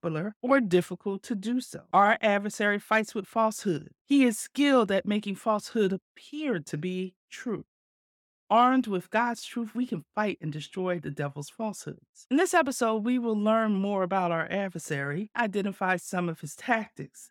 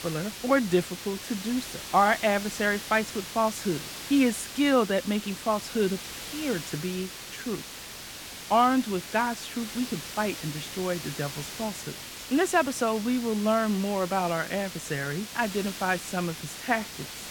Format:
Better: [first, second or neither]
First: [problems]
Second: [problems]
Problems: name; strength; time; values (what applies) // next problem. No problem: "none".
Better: first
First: none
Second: hiss; loud; throughout; 10 dB below the speech